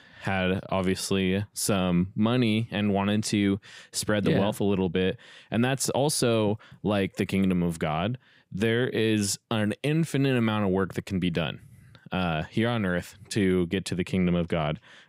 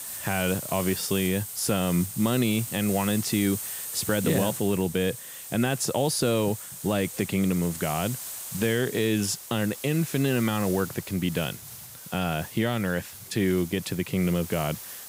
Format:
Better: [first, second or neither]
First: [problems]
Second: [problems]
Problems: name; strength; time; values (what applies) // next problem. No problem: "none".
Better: first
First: none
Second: hiss; loud; throughout; 9 dB below the speech